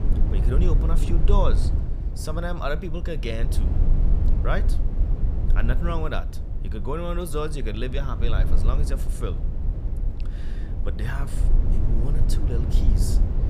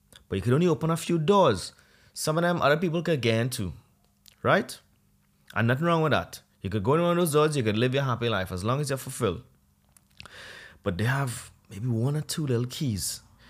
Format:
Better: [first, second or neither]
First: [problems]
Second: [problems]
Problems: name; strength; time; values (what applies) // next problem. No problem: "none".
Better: second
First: low rumble; loud; throughout; 8 dB below the speech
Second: none